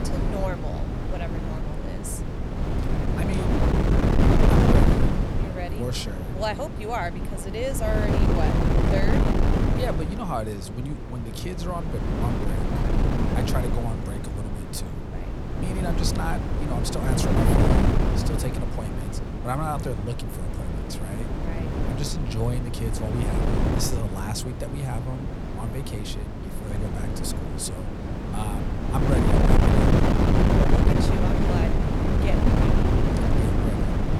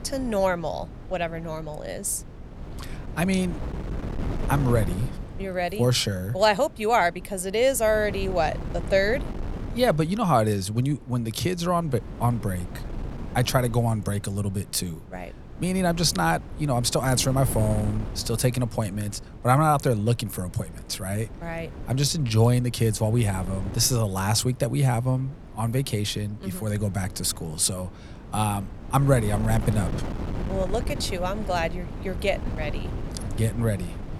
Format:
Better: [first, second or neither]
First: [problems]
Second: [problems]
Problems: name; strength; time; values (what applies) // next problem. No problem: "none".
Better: second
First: wind noise on the microphone; heavy; 3 dB above the speech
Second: wind noise on the microphone; occasional gusts; 15 dB below the speech